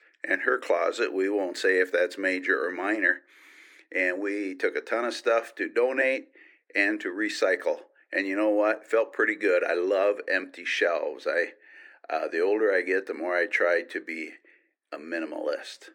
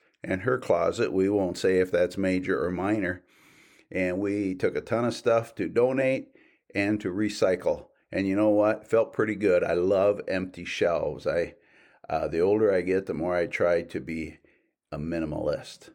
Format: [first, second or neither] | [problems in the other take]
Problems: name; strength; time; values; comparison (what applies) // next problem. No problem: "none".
second | thin; somewhat; fading below 300 Hz